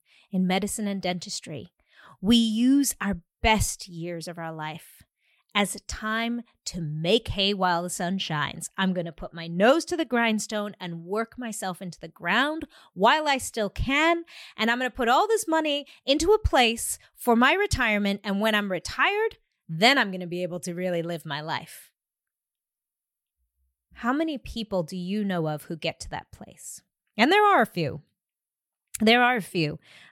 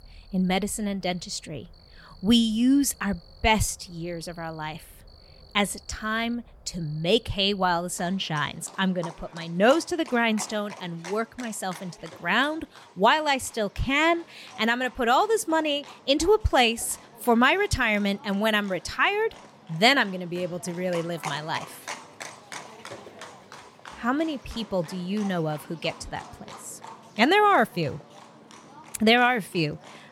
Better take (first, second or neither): first